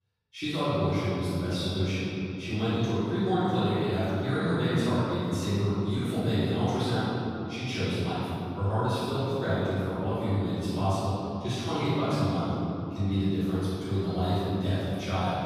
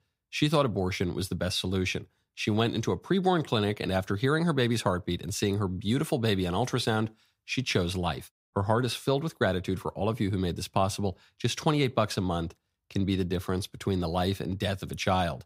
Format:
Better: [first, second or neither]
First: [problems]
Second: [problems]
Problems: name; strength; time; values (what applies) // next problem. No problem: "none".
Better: second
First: room echo; strong; dies away in 3 s // off-mic speech; far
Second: none